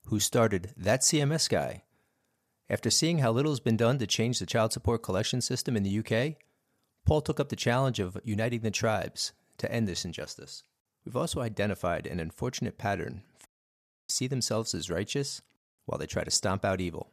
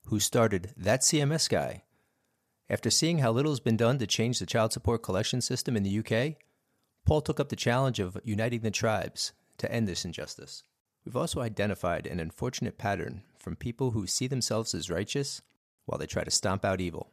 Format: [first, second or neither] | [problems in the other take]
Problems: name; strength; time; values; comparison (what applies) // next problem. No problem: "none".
second | audio cutting out; at 13 s for 0.5 s